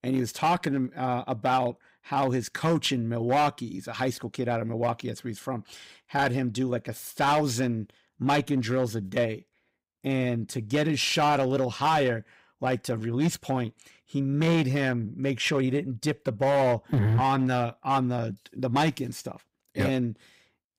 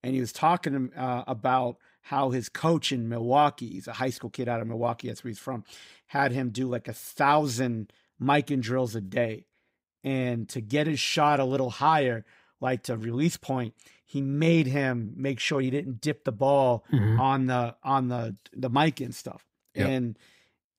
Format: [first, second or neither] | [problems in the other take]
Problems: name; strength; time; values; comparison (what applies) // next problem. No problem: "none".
second | distortion; slight; 6% of the sound clipped